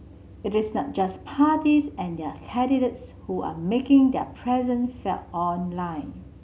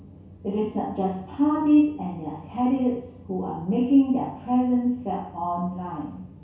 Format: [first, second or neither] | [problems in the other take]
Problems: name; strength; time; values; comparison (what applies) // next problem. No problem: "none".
first | room echo; dies away in 0.6 s